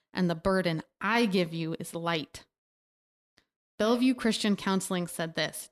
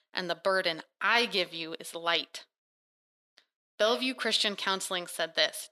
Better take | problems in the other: first | thin; somewhat; fading below 400 Hz

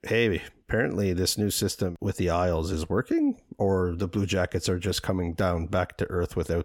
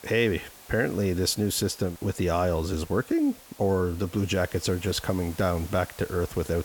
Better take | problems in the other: first | hiss; noticeable; throughout; 20 dB below the speech

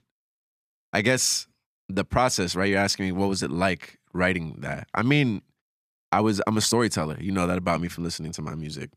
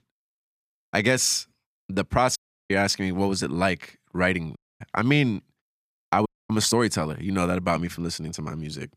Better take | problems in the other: first | audio cutting out; at 2.5 s, at 4.5 s and at 6.5 s

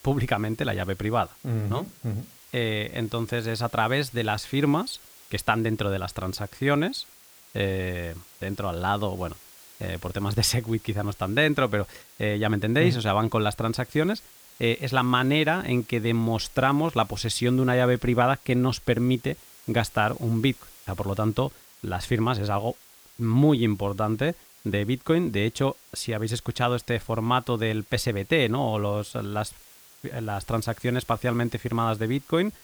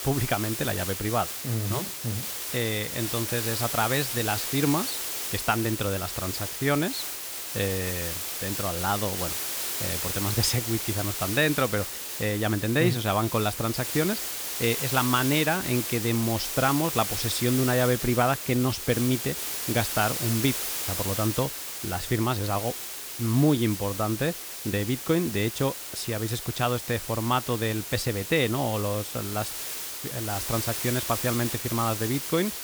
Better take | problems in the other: first | hiss; loud; throughout; 2 dB below the speech; faint in the first

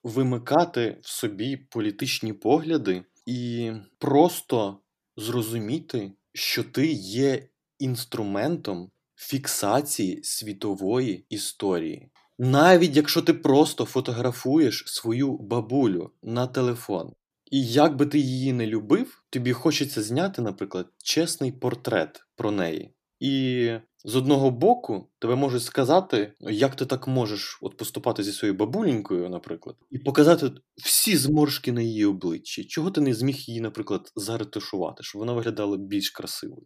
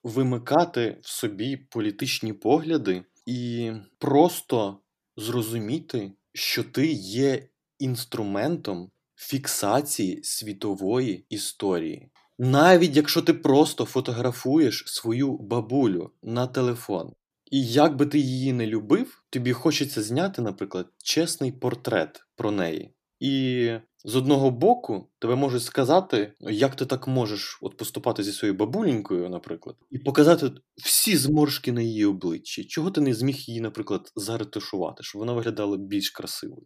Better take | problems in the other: neither | none

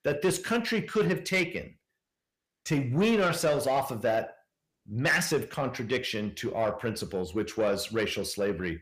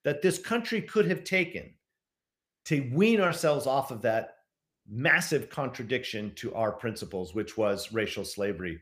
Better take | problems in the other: second | distortion; slight; 10 dB below the speech

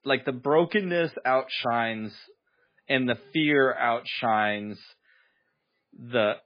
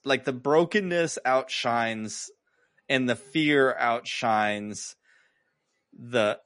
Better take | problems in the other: second | garbled, watery; badly; slightly in the second

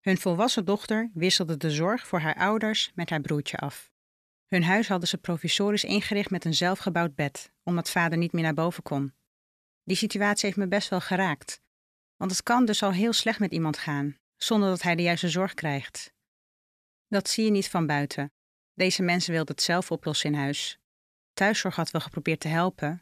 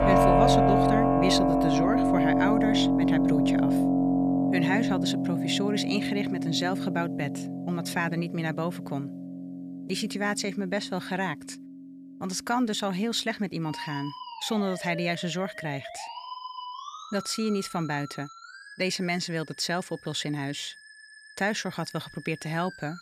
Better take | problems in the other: first | background music; very loud; throughout; 4 dB above the speech

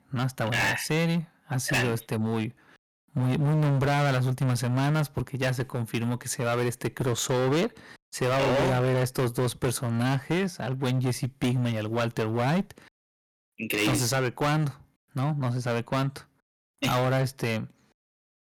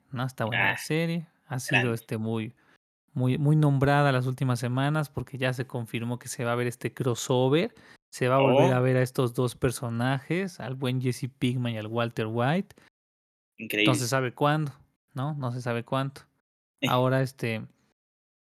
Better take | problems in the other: second | distortion; heavy; 17% of the sound clipped

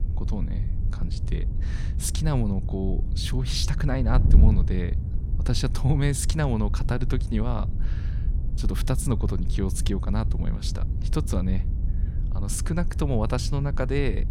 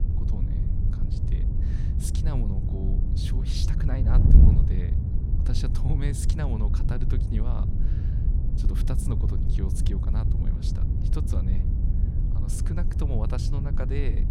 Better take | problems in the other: first | wind noise on the microphone; heavy; as loud as the speech; occasional gusts in the first

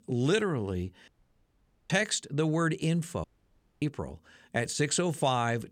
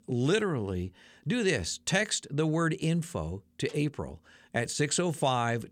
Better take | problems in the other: second | audio cutting out; at 1 s for 1 s and at 3 s for 0.5 s

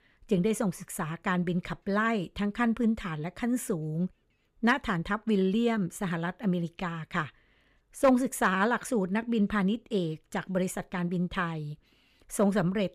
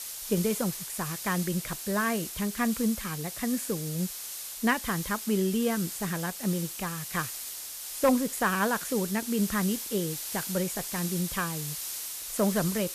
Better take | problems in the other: first | hiss; loud; throughout; 5 dB below the speech

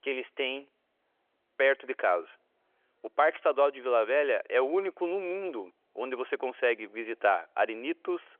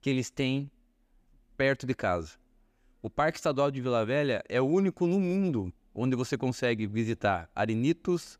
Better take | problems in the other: second | phone-call audio; nothing above 3.5 kHz

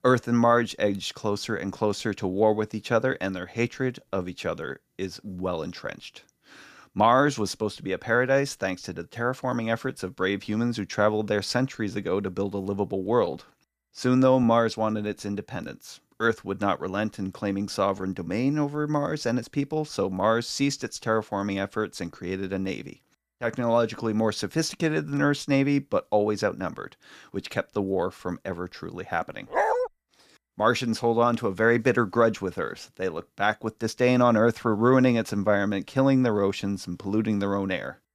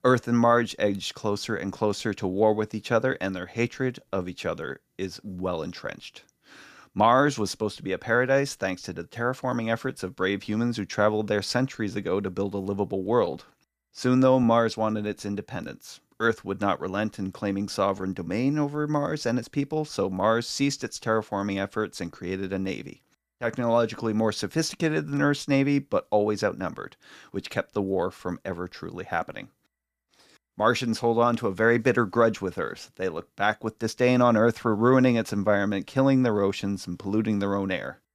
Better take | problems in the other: second | dog barking; loud; at 30 s; peak 1 dB above the speech

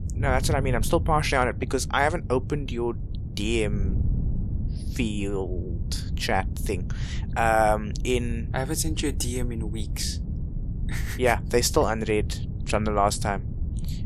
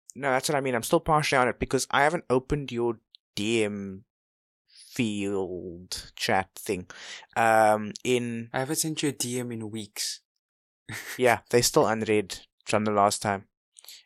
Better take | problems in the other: second | wind noise on the microphone; occasional gusts; 20 dB below the speech

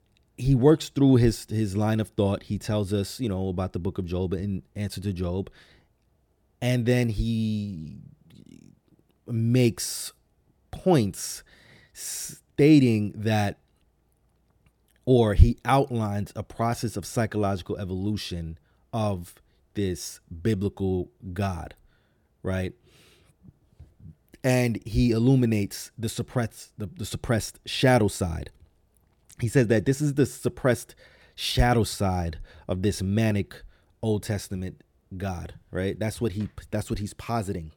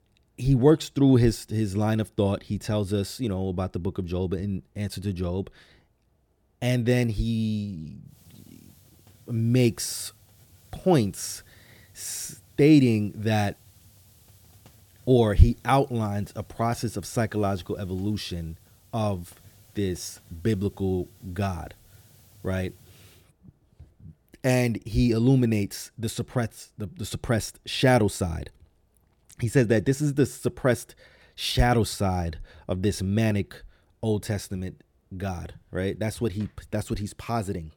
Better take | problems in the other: first | hiss; faint; from 8 to 23 s; 30 dB below the speech

